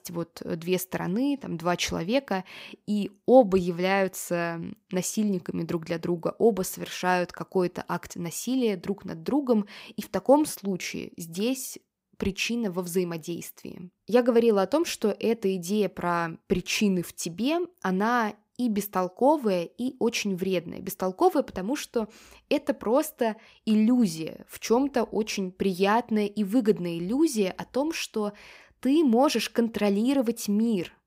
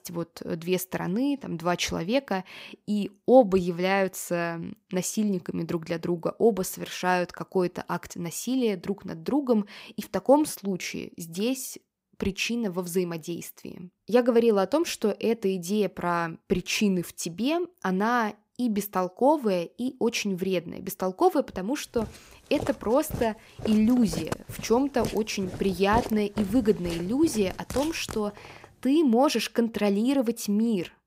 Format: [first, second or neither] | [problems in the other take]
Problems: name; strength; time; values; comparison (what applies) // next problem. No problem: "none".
first | footsteps; noticeable; from 22 to 28 s; peak 7 dB below the speech